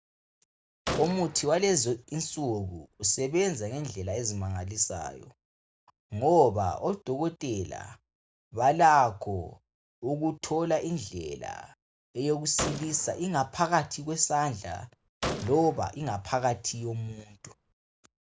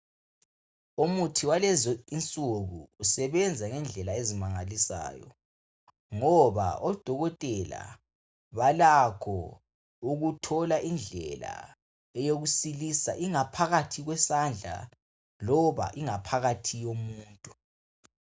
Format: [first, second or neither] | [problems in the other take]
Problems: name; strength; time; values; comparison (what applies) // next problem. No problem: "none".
second | background sound (Gunshot, gunfire); 11 dB below the speech